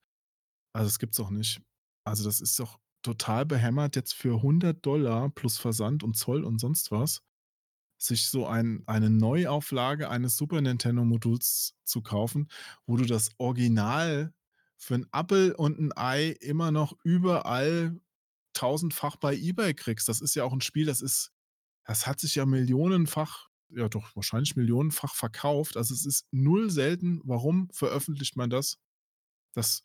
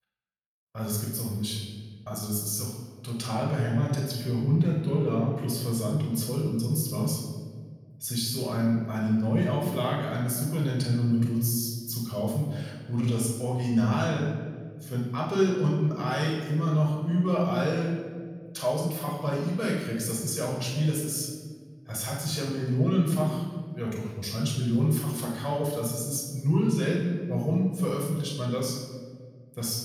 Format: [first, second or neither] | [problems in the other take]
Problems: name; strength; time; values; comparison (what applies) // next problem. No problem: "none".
first | off-mic speech; far // room echo; noticeable; dies away in 1.3 s